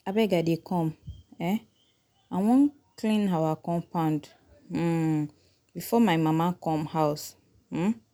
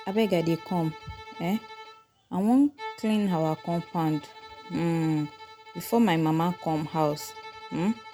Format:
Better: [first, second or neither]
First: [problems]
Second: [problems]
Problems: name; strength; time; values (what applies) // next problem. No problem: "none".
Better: first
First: none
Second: background sound (Bowed string instrument); 17 dB below the speech